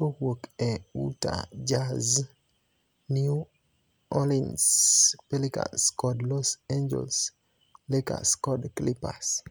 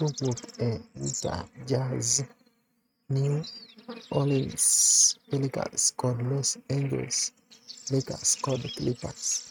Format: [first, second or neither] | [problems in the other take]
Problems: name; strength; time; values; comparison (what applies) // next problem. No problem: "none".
first | noise reduction (neural mask model RNNoise)